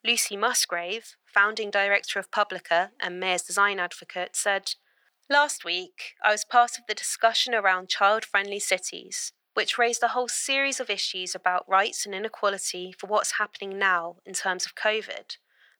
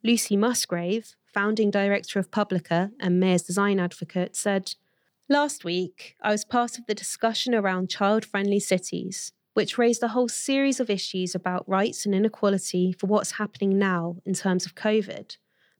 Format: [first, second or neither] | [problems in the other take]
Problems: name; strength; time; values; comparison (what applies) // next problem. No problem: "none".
second | thin; very; fading below 700 Hz